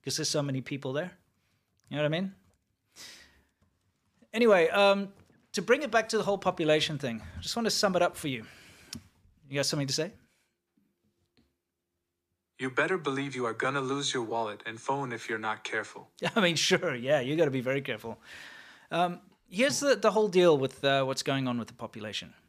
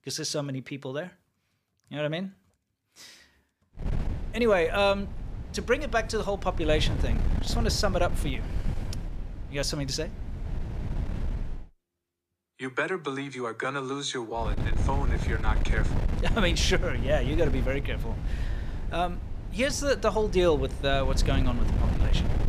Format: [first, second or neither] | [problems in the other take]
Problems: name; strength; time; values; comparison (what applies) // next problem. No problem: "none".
first | wind noise on the microphone; occasional gusts; from 4 to 12 s and from 14 s on; 15 dB below the speech